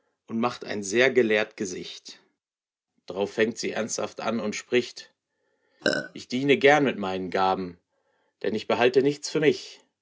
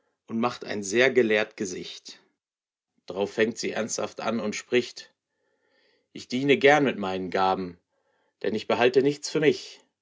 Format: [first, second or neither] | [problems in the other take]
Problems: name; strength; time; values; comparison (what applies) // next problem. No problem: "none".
second | background sound (Burping, eructation); 1 dB below the speech